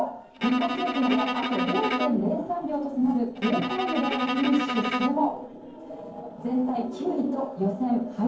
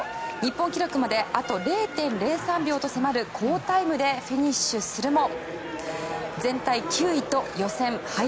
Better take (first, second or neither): second